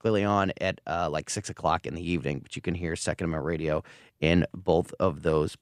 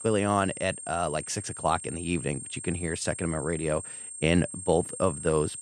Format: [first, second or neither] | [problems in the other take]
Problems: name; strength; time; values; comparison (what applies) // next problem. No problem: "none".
first | high-pitched whine; loud; throughout; 8.5 kHz, 9 dB below the speech